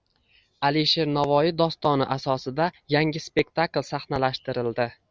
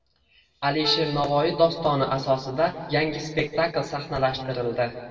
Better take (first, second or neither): first